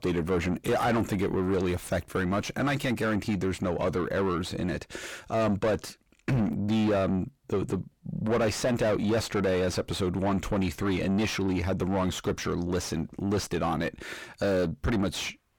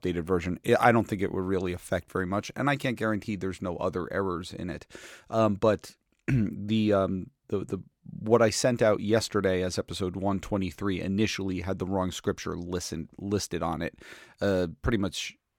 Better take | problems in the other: second | distortion; heavy; 5 dB below the speech

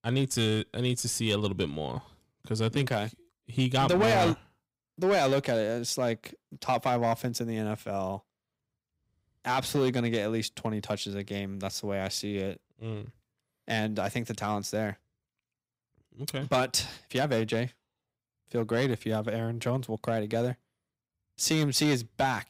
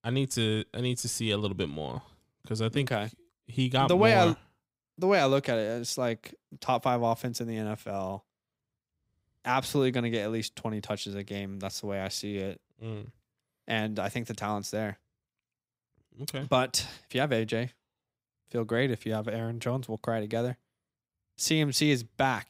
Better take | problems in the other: second | distortion; slight; 3% of the sound clipped

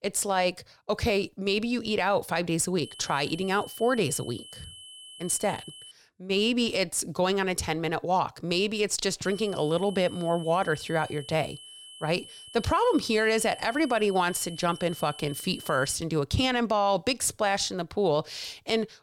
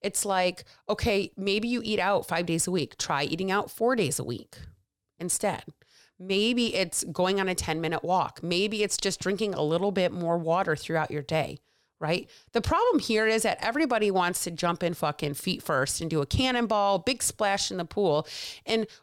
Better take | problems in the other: second | high-pitched whine; noticeable; from 3 to 6 s and from 9.5 to 16 s; 3 kHz, 15 dB below the speech

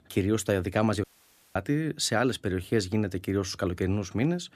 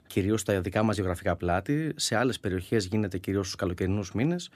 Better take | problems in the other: second | audio cutting out; at 1 s for 0.5 s

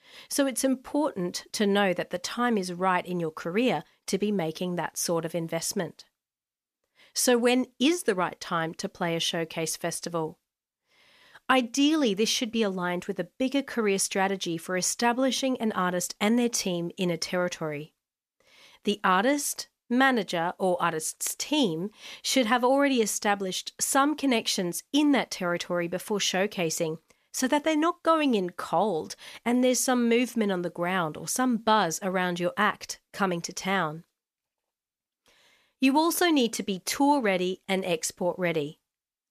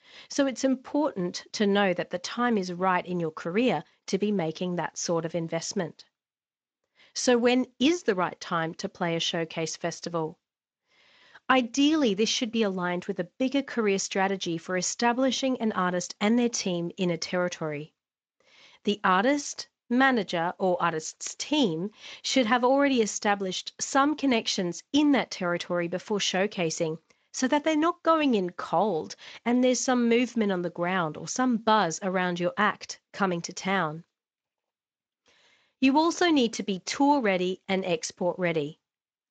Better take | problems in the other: first | garbled, watery; slightly; nothing above 7.5 kHz

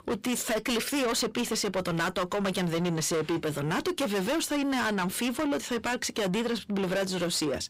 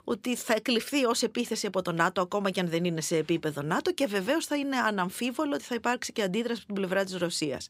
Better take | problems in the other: second | distortion; heavy; 6 dB below the speech

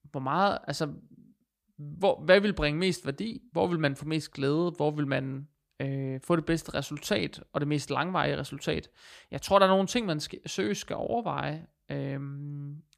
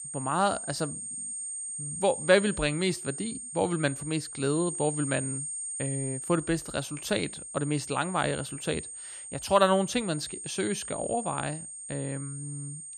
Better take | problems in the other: first | high-pitched whine; loud; throughout; 8.5 kHz, 6 dB below the speech

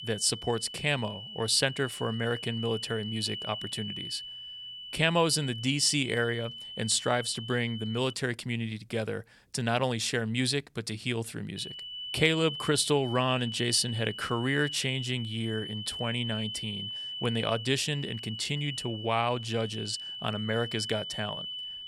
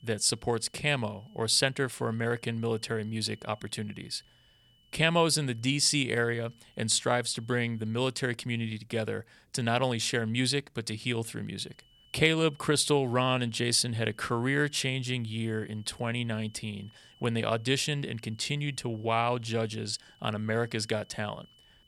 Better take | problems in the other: second | high-pitched whine; loud; until 8 s and from 12 s on; 3 kHz, 8 dB below the speech; faint in the second

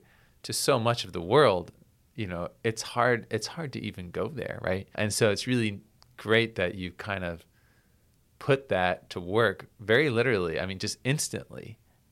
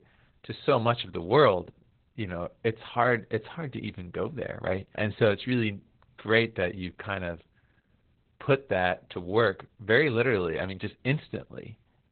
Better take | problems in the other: first | garbled, watery; badly; nothing above 4 kHz

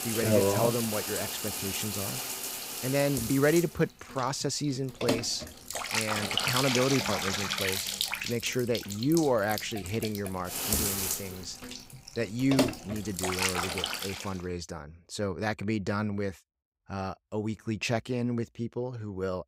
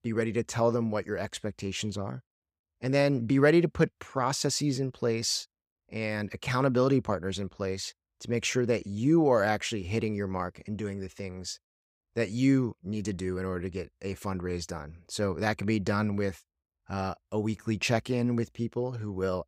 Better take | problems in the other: second | household noises; very loud; until 14 s; 1 dB above the speech

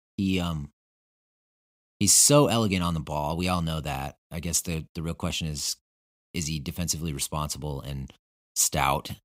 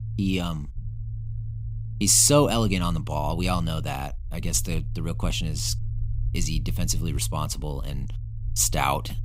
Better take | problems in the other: first | low rumble; faint; throughout; 20 dB below the speech

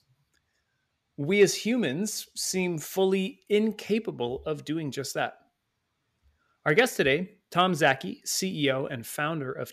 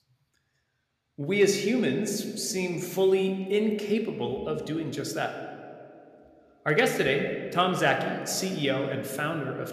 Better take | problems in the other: first | room echo; slight; dies away in 1.7 s

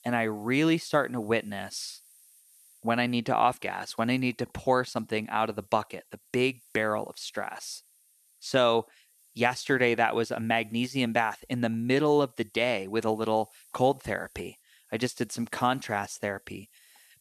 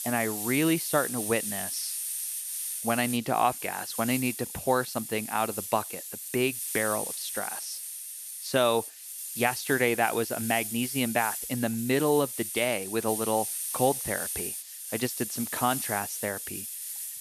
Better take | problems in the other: first | hiss; loud; throughout; 4 dB below the speech; faint in the first

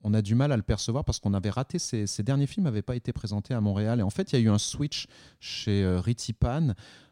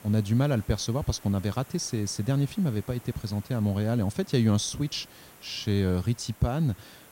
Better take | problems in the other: first | hiss; faint; throughout; 20 dB below the speech

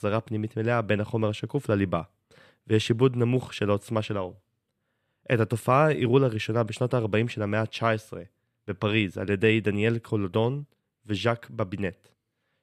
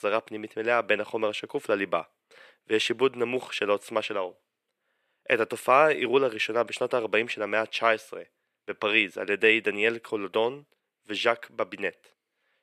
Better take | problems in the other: first | thin; very; fading below 450 Hz

